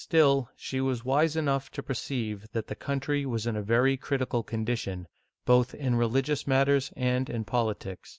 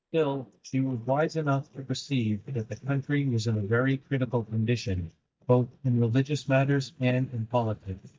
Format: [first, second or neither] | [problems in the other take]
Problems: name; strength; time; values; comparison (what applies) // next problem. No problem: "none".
first | noise reduction (neural mask model DeepFilterNet 3)